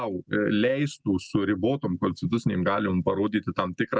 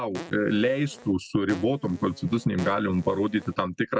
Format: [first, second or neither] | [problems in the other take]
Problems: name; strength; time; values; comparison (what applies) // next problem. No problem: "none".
first | background sound (Fart); 17 dB below the speech